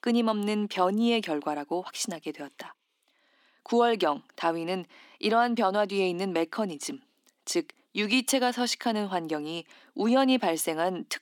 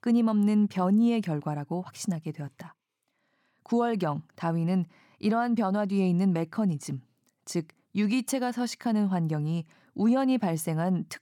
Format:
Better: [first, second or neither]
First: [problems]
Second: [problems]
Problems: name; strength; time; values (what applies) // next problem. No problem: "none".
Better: second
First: thin; somewhat; fading below 250 Hz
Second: none